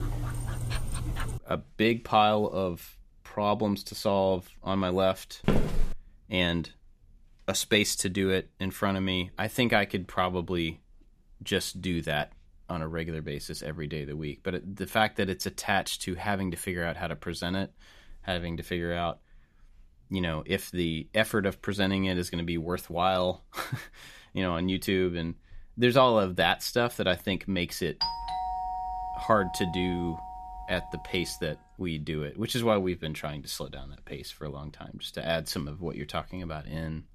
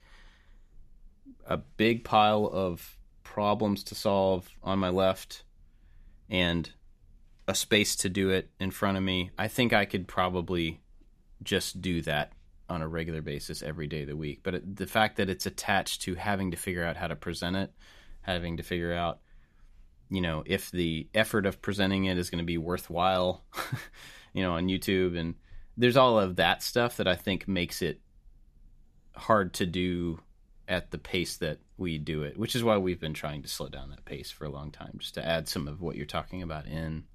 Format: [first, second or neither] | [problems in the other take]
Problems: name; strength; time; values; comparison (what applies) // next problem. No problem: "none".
second | dog barking; noticeable; until 1.5 s; peak 4 dB below the speech // footsteps; loud; at 5.5 s; peak 1 dB above the speech // doorbell; noticeable; from 28 to 31 s; peak 1 dB below the speech